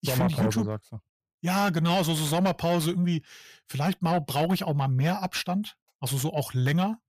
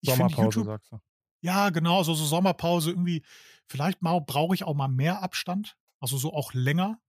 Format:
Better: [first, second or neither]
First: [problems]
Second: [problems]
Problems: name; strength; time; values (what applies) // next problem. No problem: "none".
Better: second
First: distortion; slight; 10 dB below the speech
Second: none